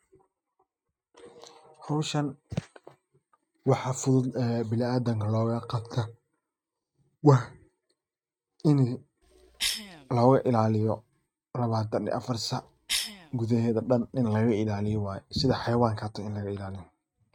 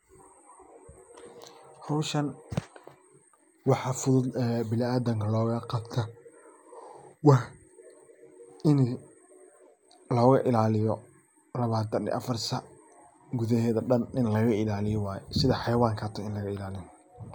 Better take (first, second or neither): second